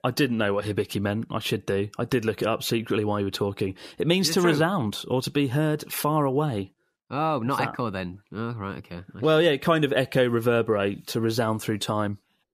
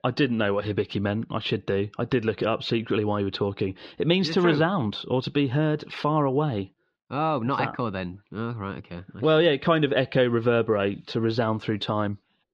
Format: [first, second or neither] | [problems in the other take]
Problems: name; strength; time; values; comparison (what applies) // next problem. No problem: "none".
first | muffled; very slightly; fading above 4 kHz